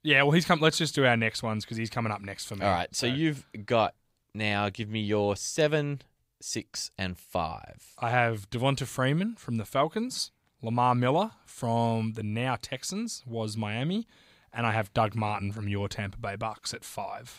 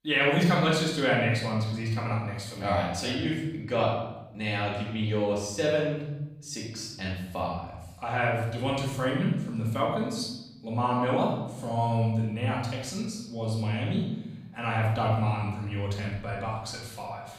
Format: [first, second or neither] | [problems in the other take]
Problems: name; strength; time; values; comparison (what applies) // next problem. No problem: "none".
first | off-mic speech; far // room echo; noticeable; dies away in 1 s